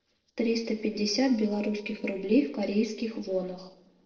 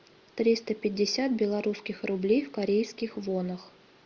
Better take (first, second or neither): second